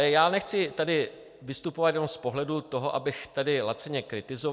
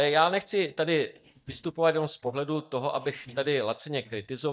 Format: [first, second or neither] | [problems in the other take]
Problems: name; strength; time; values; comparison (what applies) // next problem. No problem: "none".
first | noise reduction (neural mask model DeepFilterNet 3)